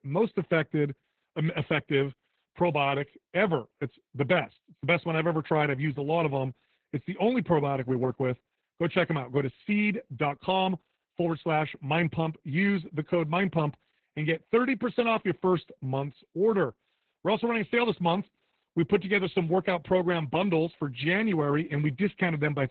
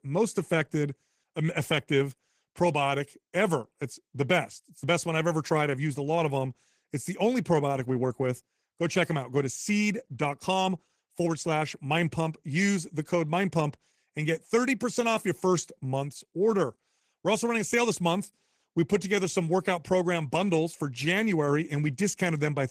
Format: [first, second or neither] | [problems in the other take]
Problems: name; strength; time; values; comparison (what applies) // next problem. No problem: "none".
second | garbled, watery; badly; slightly in the second